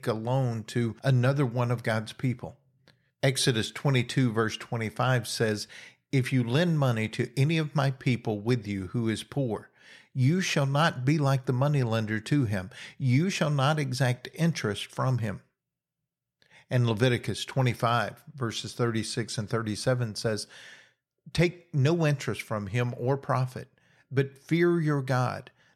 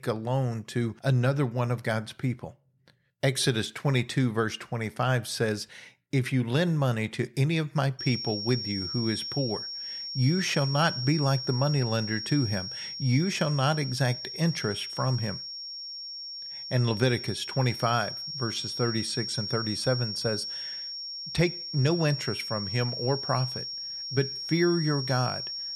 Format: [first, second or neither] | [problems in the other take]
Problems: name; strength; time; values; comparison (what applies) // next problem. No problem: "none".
first | high-pitched whine; loud; from 8 s on; 5.5 kHz, 5 dB below the speech